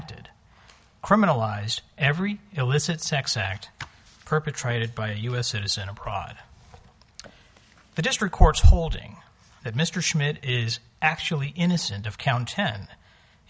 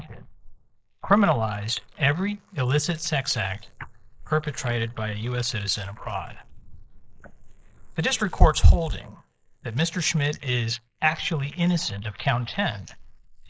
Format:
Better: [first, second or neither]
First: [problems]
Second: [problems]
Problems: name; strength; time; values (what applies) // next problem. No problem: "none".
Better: first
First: none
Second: noise reduction (neural mask model Resemble Enhance denoiser)